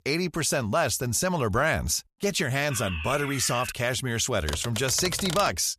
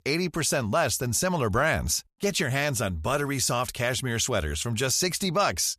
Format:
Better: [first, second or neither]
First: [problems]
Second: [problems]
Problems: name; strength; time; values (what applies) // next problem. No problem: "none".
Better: second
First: alarm; noticeable; from 2.5 to 3.5 s; peak 8 dB below the speech // keyboard typing; noticeable; from 4.5 s on; peak 6 dB below the speech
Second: none